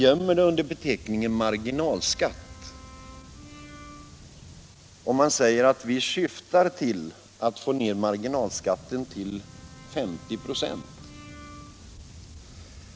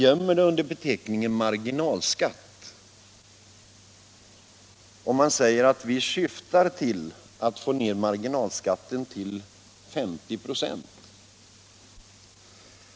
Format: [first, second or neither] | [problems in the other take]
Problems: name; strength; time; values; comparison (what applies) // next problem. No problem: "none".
second | background sound (Brass instrument + Aircraft); 20 dB below the speech